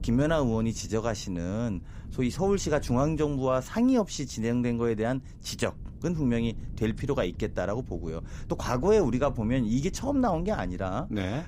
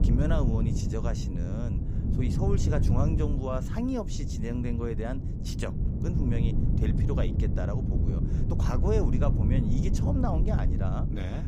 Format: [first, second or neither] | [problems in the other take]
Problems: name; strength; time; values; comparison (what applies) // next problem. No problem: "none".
first | wind noise on the microphone; heavy; 3 dB below the speech; occasional gusts in the first